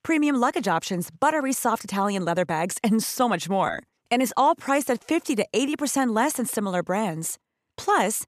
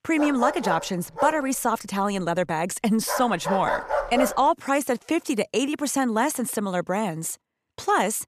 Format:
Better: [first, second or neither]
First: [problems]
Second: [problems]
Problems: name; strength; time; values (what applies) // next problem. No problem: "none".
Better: first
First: none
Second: dog barking; noticeable; until 4.5 s; peak 1 dB below the speech